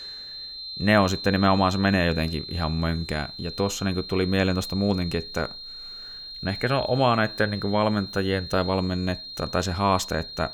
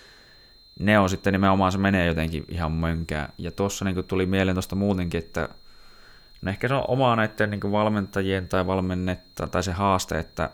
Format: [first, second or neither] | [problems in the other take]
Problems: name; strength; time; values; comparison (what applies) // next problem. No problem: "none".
second | high-pitched whine; loud; throughout; 4 kHz, 10 dB below the speech; faint in the second